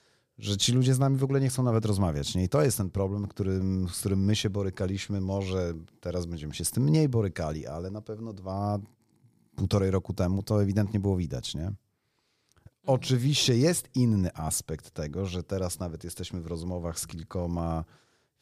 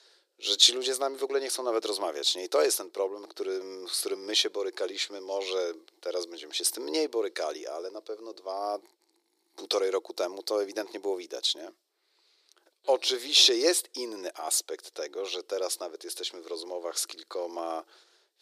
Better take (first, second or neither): first